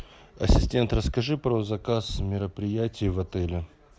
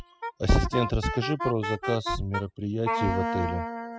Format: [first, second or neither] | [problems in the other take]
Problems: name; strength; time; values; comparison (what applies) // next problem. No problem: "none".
first | noise reduction (classical method spectral subtraction)